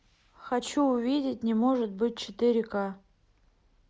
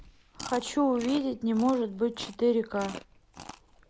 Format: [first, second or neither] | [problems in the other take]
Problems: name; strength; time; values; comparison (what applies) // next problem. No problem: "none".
first | background sound (Chewing, mastication); 17 dB below the speech